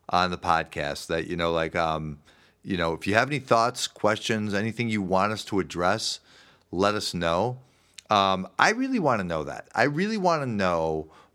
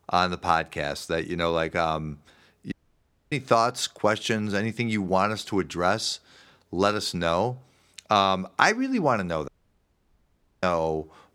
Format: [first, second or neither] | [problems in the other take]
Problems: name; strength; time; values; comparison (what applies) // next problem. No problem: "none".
first | audio cutting out; at 2.5 s for 0.5 s and at 9.5 s for 1 s